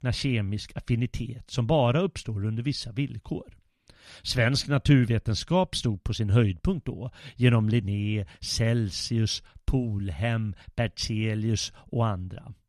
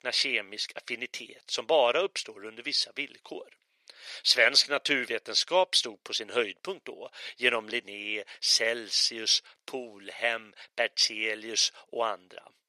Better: first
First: none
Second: thin; very; fading below 450 Hz

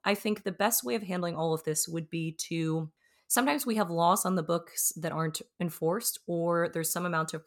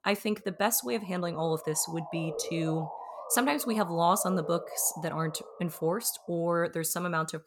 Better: first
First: none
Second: siren; noticeable; from 0.5 to 6 s; peak 8 dB below the speech

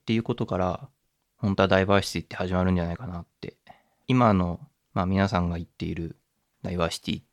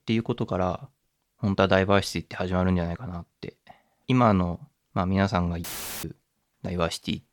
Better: first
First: none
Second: audio cutting out; filled with static; at 5.5 s

